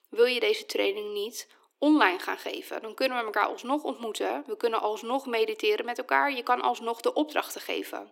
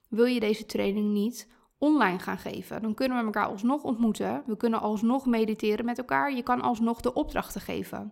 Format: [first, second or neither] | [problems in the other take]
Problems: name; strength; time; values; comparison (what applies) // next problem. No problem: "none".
second | thin; somewhat; fading below 300 Hz